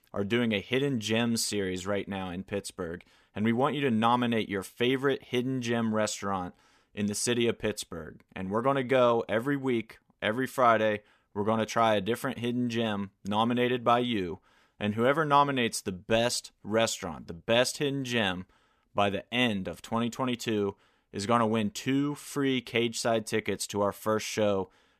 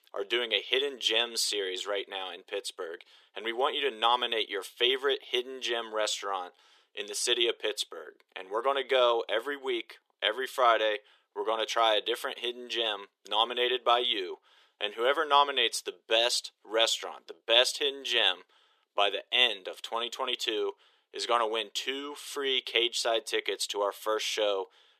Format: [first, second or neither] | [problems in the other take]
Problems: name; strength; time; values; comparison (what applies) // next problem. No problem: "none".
first | thin; very; fading below 350 Hz